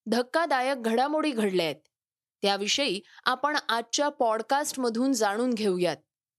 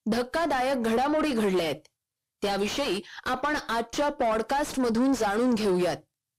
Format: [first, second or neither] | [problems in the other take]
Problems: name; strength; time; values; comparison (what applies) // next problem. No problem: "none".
first | distortion; heavy; 6 dB below the speech